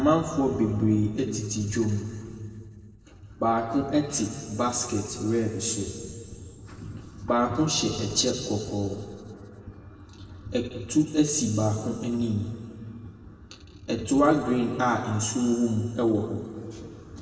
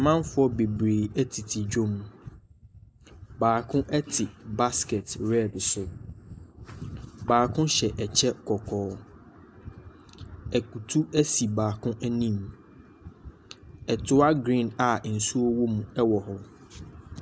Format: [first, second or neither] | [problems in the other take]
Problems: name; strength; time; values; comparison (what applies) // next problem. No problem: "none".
second | room echo; dies away in 2 s